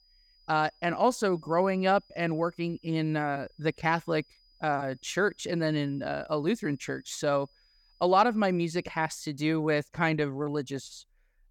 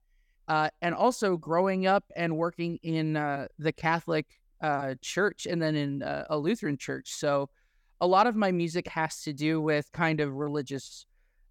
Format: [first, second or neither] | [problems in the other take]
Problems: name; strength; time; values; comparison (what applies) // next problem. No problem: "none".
second | high-pitched whine; faint; until 9 s; 5 kHz, 35 dB below the speech